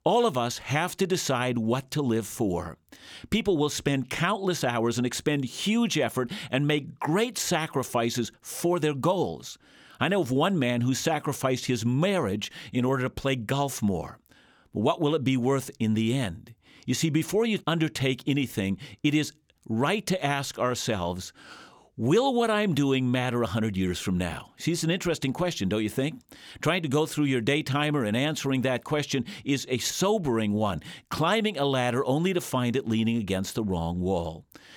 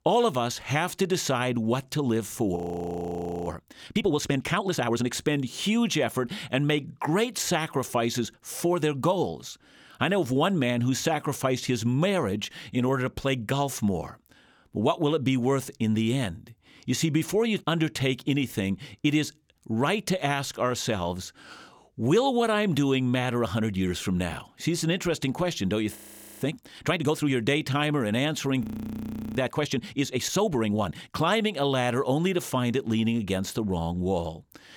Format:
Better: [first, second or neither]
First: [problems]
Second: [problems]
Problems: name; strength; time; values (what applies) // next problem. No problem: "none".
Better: first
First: none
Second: audio freezing; at 2.5 s for 1 s, at 26 s and at 29 s for 0.5 s